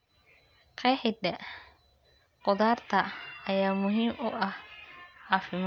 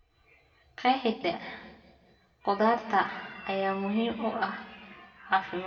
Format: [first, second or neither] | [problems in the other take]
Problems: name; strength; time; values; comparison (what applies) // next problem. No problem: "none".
first | room echo; dies away in 1.3 s